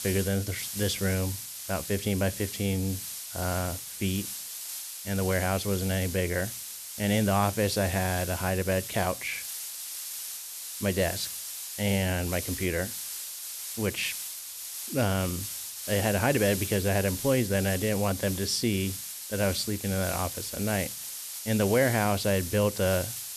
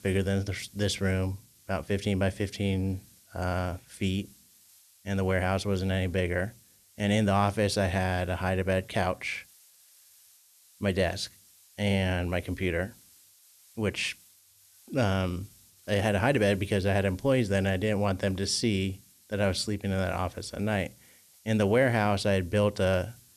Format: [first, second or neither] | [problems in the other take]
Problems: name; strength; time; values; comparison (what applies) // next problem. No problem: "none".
second | hiss; loud; throughout; 6 dB below the speech; faint in the second